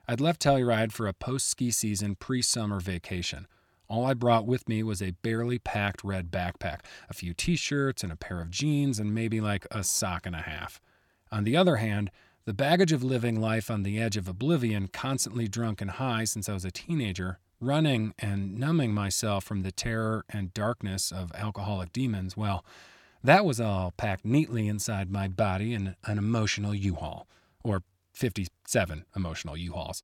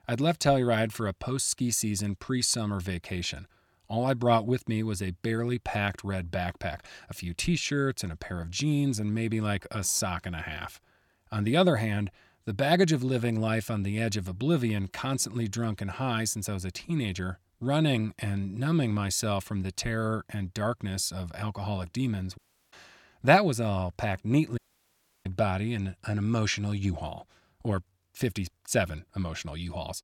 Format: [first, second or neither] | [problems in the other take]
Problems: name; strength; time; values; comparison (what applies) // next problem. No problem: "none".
first | audio cutting out; at 22 s and at 25 s for 0.5 s